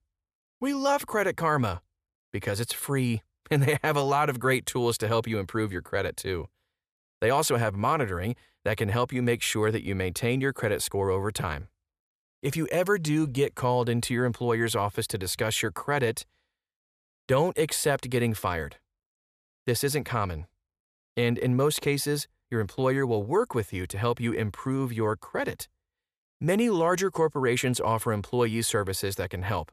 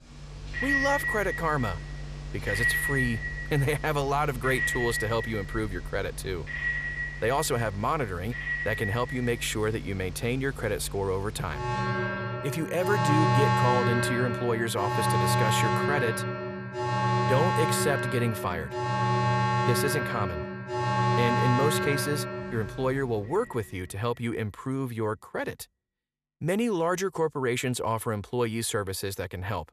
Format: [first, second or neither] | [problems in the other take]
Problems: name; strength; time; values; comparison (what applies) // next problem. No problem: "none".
first | alarms or sirens; very loud; until 23 s; 1 dB above the speech